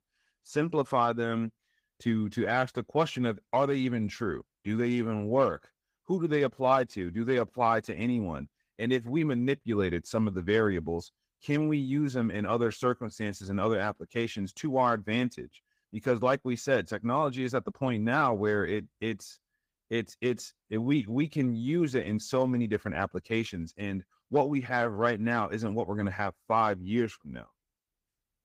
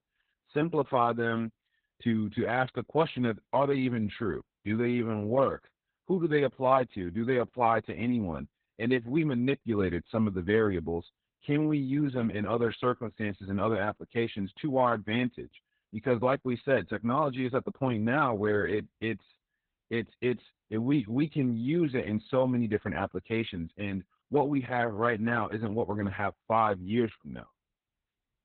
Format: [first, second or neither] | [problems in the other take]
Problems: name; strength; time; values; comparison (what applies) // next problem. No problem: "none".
first | garbled, watery; badly; nothing above 4 kHz; slightly in the first